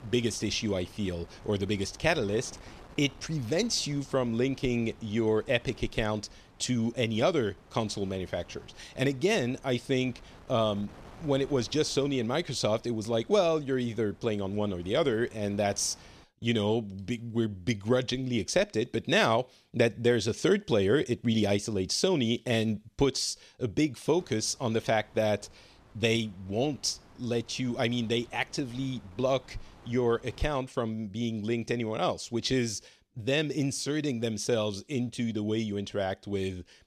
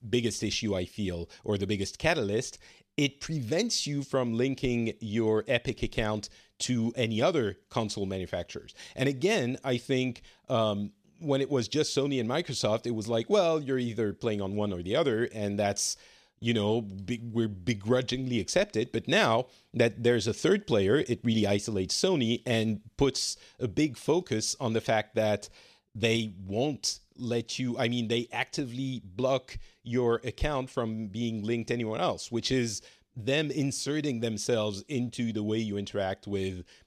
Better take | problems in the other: second | wind noise on the microphone; occasional gusts; until 16 s and from 24 to 30 s; 25 dB below the speech

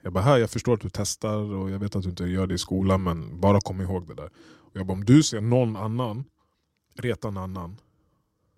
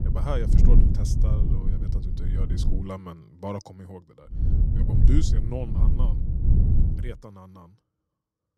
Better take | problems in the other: first | low rumble; loud; until 3 s and from 4.5 to 7 s; 1 dB below the speech

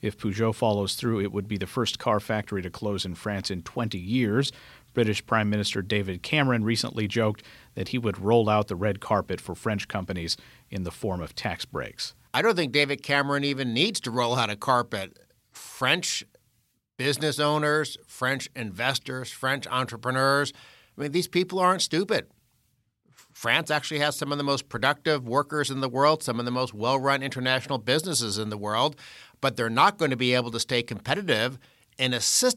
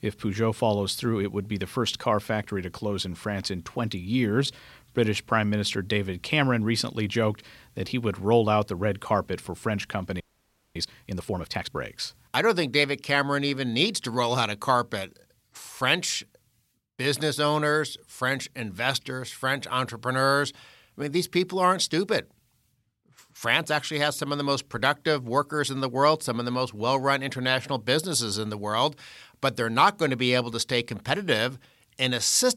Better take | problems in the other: first | audio freezing; at 10 s for 0.5 s

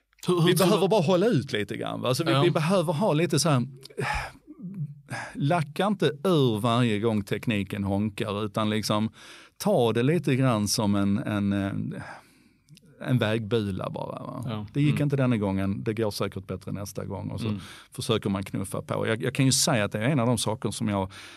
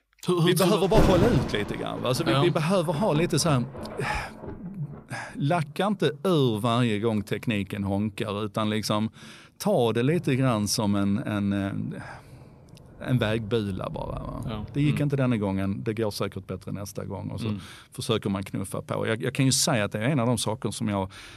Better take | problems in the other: first | rain or running water; loud; throughout; 8 dB below the speech

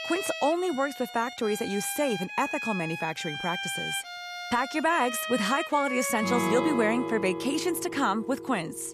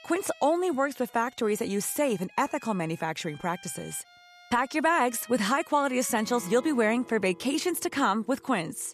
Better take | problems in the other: second | background music; loud; throughout; 5 dB below the speech; faint in the second

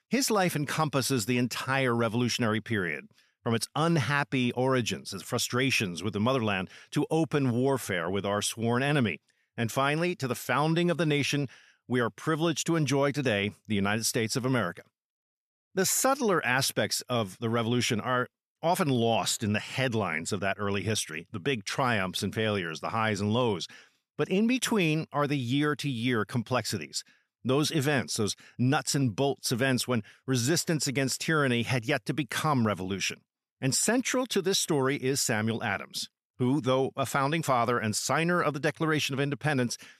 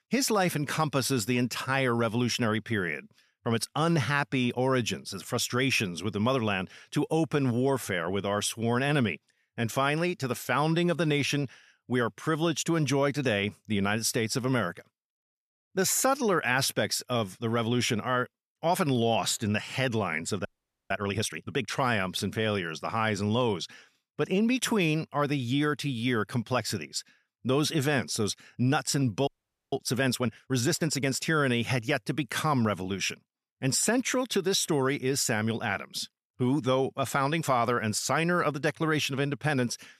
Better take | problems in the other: first | audio freezing; at 20 s and at 29 s

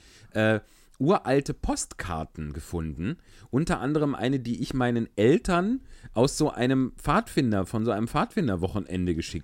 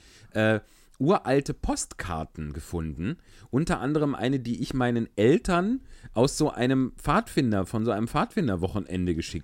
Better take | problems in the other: neither | none

